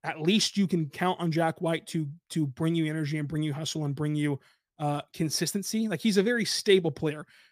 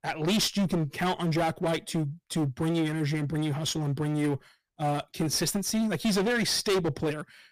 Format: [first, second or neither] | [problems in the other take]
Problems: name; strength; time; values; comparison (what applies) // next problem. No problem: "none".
first | distortion; heavy; 17% of the sound clipped